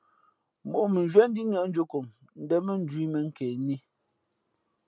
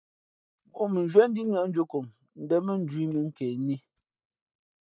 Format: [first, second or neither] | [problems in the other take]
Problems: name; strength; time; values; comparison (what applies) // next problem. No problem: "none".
first | noise reduction (neural mask model DeepFilterNet 3)